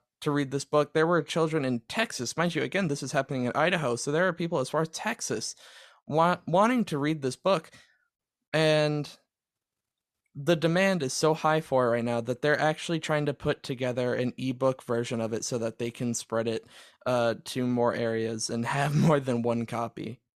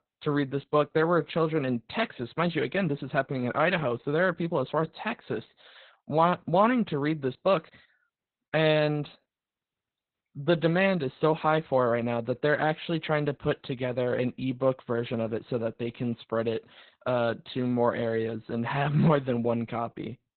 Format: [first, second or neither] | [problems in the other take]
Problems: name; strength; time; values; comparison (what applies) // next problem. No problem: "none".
first | garbled, watery; badly; nothing above 4 kHz